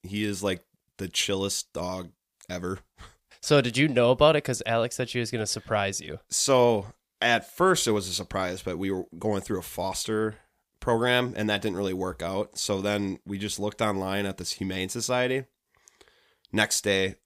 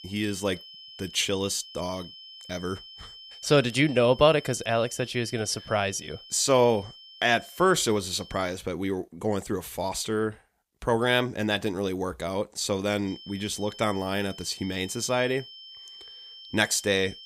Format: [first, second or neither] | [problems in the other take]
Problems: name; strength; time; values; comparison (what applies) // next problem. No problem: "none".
first | high-pitched whine; noticeable; until 8.5 s and from 13 s on; 3 kHz, 15 dB below the speech